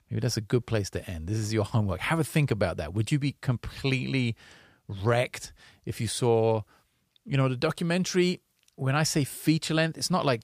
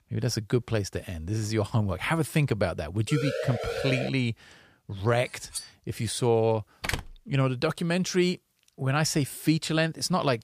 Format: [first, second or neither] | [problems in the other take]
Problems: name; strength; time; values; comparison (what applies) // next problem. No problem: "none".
first | siren; noticeable; from 3 to 4 s; peak 4 dB below the speech // clattering dishes; noticeable; at 5.5 s; peak 10 dB below the speech // door banging; noticeable; at 7 s; peak 5 dB below the speech